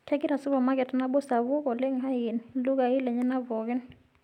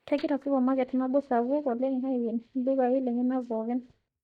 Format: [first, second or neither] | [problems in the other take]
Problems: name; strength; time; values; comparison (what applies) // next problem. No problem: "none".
first | noise reduction (neural mask model DeepFilterNet 3)